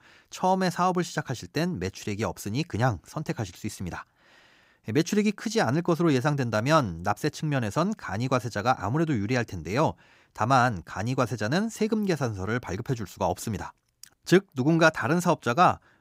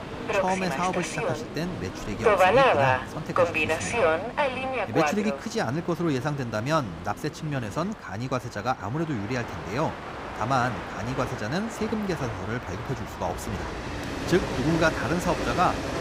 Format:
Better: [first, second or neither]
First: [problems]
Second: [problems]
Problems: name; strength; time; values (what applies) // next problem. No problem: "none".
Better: first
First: none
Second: train or aircraft noise; very loud; throughout; 2 dB above the speech